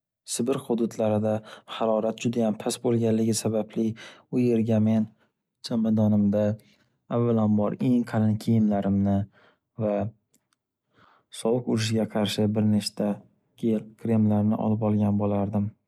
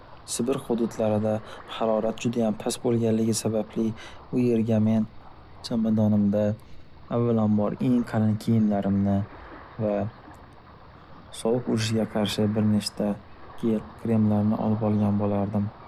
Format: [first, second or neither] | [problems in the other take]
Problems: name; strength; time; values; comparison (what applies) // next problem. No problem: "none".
first | background sound (Ocean); 19 dB below the speech